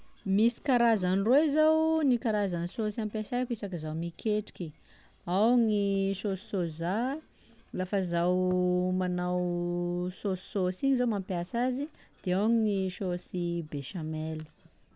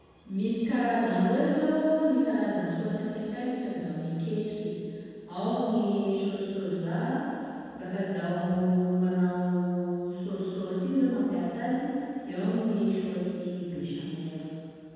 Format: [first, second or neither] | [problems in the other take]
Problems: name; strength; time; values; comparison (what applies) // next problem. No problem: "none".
first | room echo; dies away in 2.1 s